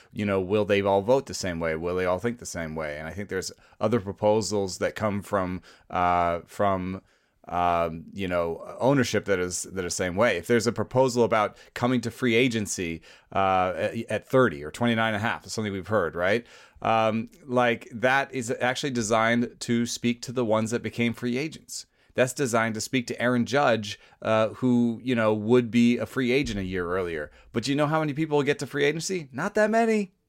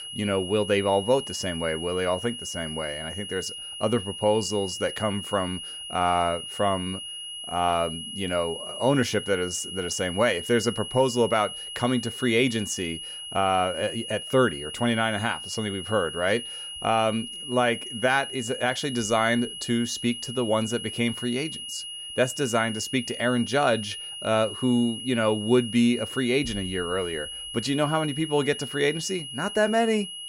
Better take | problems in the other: first | high-pitched whine; loud; throughout; 3 kHz, 8 dB below the speech

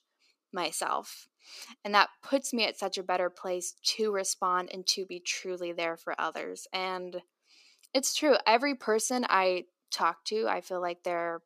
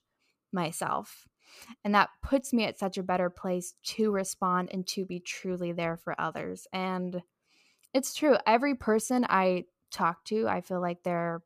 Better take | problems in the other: second | thin; very slightly; fading below 250 Hz

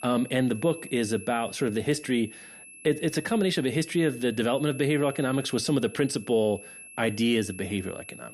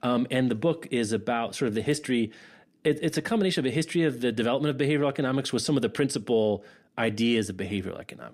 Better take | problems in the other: second | high-pitched whine; noticeable; throughout; 2.5 kHz, 15 dB below the speech

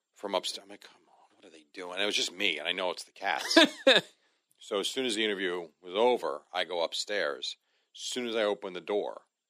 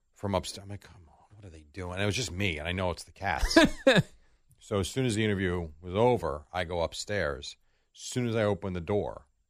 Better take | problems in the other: second | thin; somewhat; fading below 250 Hz

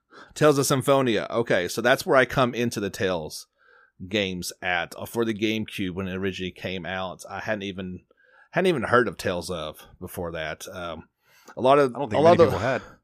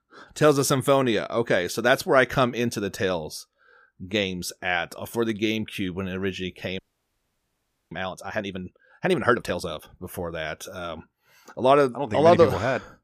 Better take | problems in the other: first | audio freezing; at 7 s for 1 s

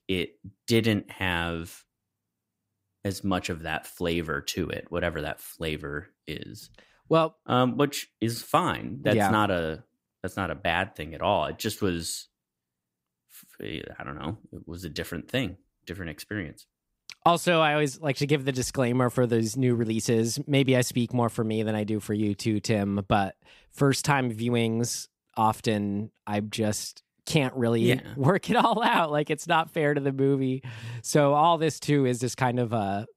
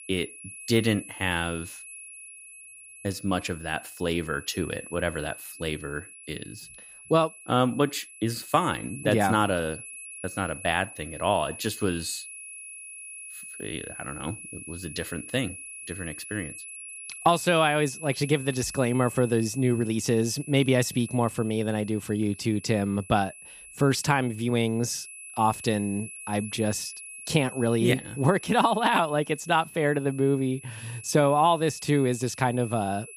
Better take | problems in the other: first | high-pitched whine; noticeable; throughout; 2.5 kHz, 15 dB below the speech

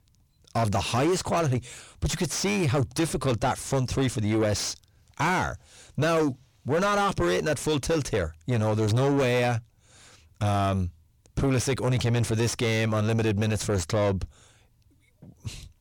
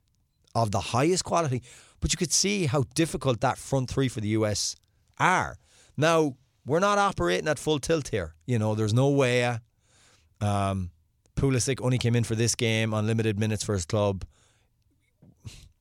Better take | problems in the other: second | distortion; heavy; 7 dB below the speech

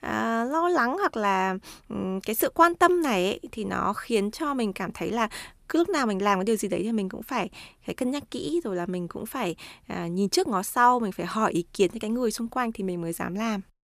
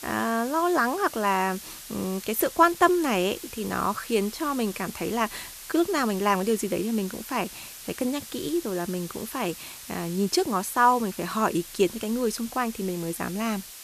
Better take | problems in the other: first | hiss; noticeable; throughout; 15 dB below the speech

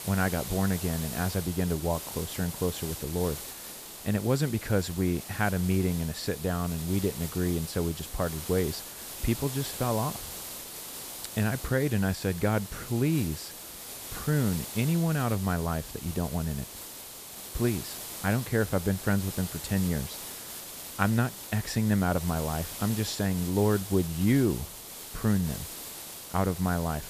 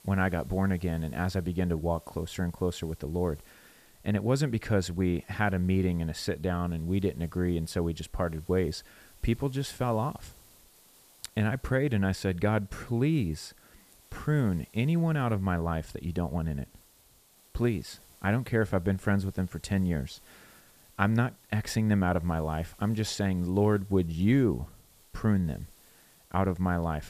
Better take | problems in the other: second | hiss; loud; throughout; 9 dB below the speech; faint in the second

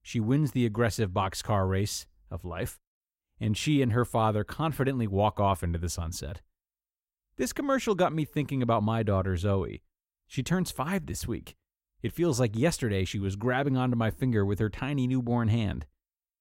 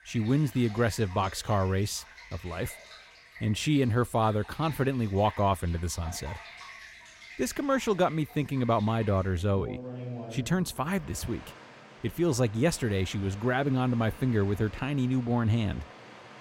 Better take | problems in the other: first | rain or running water; noticeable; throughout; 20 dB below the speech

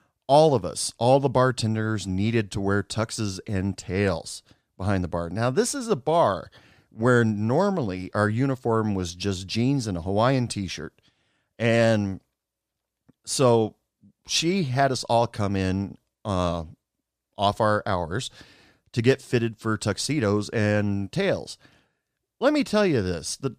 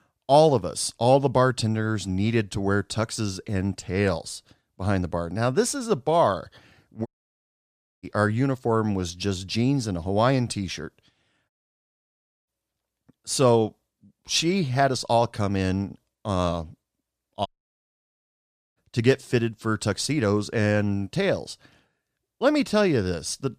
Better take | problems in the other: first | audio cutting out; at 7 s for 1 s, at 12 s for 1 s and at 17 s for 1.5 s

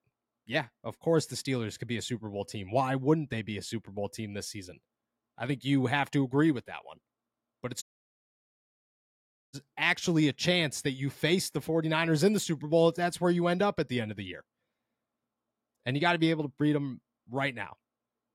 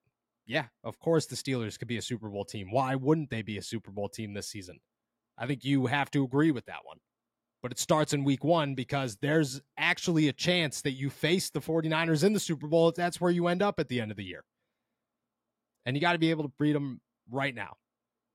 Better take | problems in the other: second | audio cutting out; at 8 s for 1.5 s

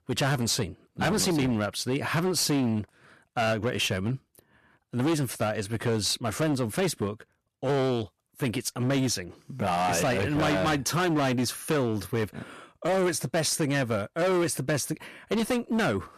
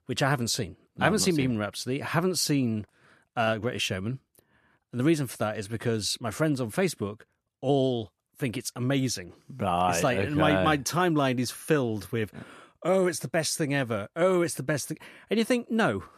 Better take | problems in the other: second | distortion; heavy; 16% of the sound clipped

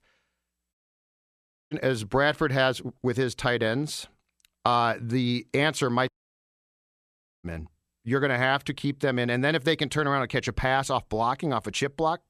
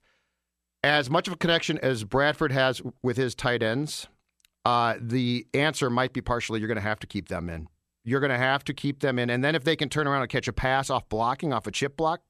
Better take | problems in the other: second | audio cutting out; at 0.5 s for 1 s and at 6 s for 1.5 s

